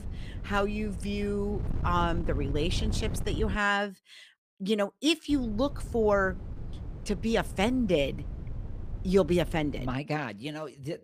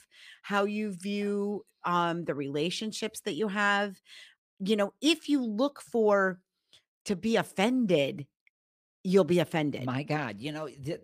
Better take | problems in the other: second | wind noise on the microphone; occasional gusts; until 3.5 s and from 5.5 to 10 s; 20 dB below the speech

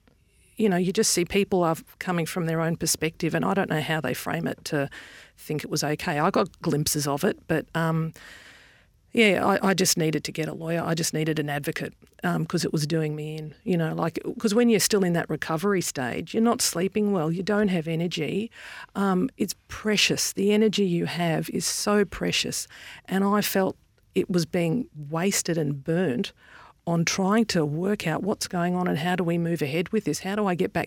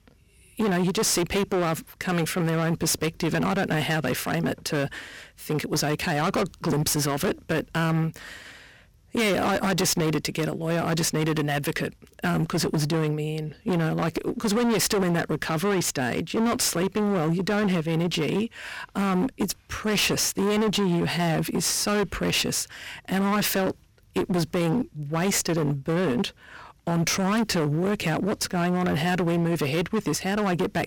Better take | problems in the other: first | distortion; heavy; 25% of the sound clipped

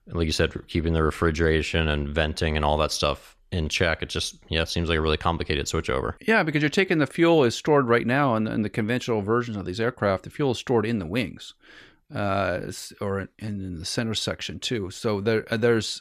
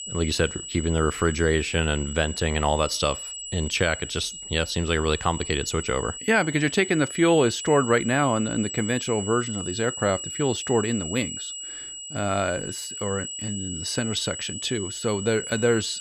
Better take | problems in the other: first | high-pitched whine; loud; throughout; 8 kHz, 8 dB below the speech

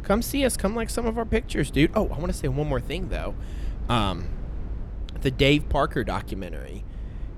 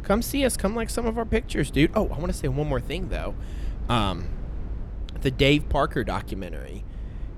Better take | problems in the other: neither | low rumble; faint; throughout; 20 dB below the speech; the same in both

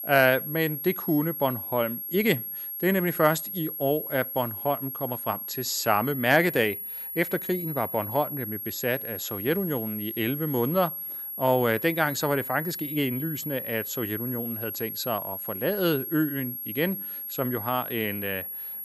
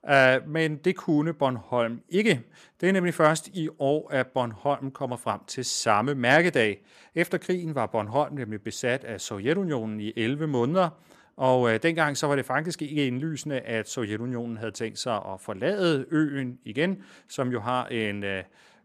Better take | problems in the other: second | high-pitched whine; loud; throughout; 11.5 kHz, 5 dB below the speech

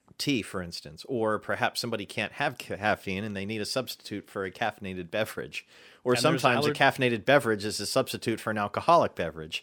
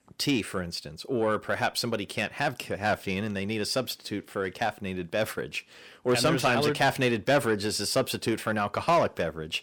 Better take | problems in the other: first | distortion; slight; 10 dB below the speech

